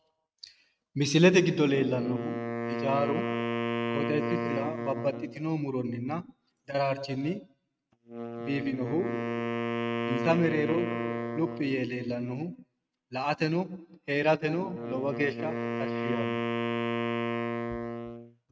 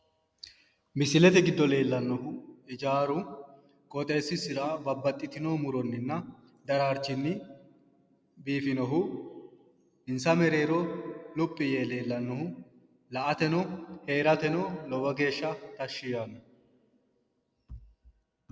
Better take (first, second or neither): second